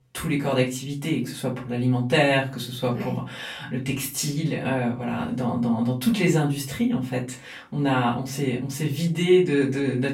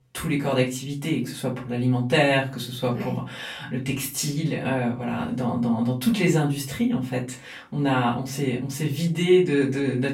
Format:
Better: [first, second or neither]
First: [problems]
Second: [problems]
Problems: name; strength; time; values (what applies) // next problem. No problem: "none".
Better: neither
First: off-mic speech; far // room echo; very slight; dies away in 0.3 s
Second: off-mic speech; far // room echo; very slight; dies away in 0.3 s